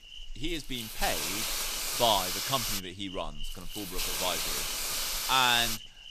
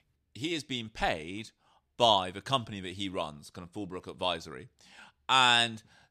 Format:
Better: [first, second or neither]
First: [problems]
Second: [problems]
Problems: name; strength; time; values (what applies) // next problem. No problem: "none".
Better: second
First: hiss; loud; throughout; 1 dB below the speech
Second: none